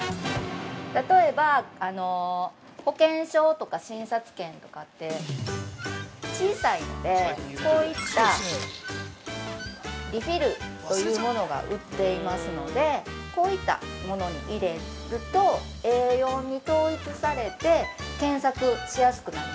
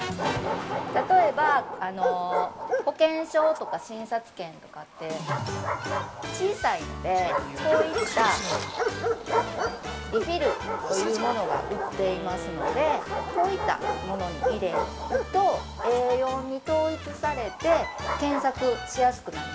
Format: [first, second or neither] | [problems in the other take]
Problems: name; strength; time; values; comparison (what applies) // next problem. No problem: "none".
first | background sound (Bark); 5 dB below the speech